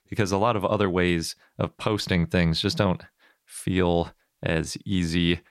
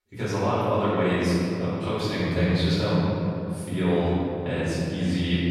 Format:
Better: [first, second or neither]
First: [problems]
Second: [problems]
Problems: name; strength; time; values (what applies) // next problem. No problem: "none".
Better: first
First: none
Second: off-mic speech; far // room echo; strong; dies away in 2.8 s